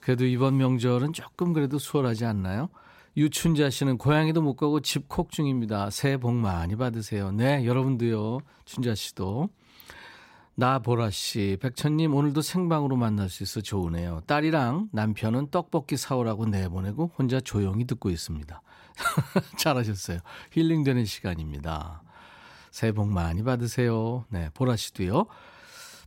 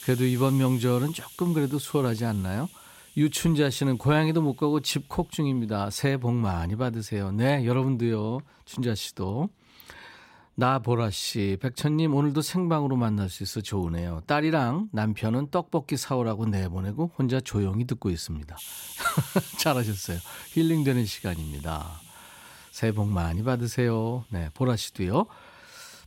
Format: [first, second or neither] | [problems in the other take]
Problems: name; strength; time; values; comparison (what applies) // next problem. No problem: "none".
first | hiss; noticeable; throughout; 15 dB below the speech